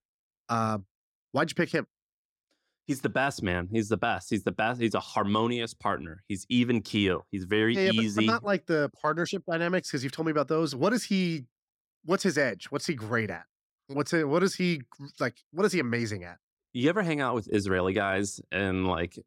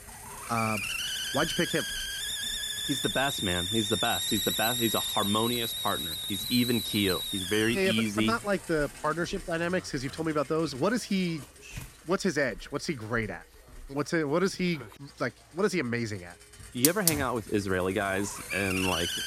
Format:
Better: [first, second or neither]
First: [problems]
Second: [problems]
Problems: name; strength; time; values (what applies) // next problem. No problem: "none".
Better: first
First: none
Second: hiss; loud; throughout; 1 dB below the speech